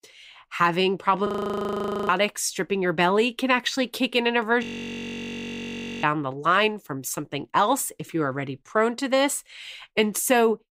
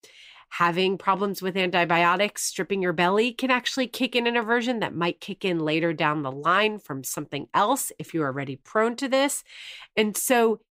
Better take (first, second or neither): second